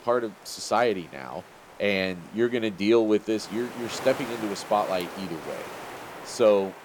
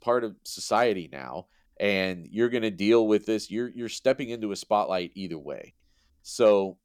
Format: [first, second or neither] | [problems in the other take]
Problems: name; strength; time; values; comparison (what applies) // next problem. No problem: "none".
second | wind noise on the microphone; occasional gusts; 15 dB below the speech